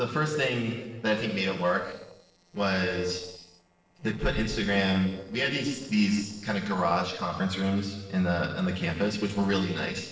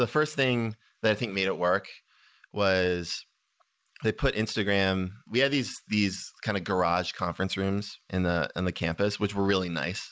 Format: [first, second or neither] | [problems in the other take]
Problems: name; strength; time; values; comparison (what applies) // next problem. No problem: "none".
second | noise reduction (neural separator model SepFormer DNS4)